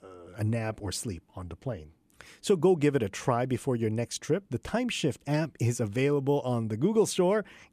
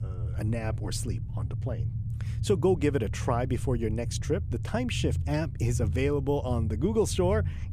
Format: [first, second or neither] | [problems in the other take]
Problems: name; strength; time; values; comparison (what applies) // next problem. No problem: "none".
first | low rumble; noticeable; throughout; 15 dB below the speech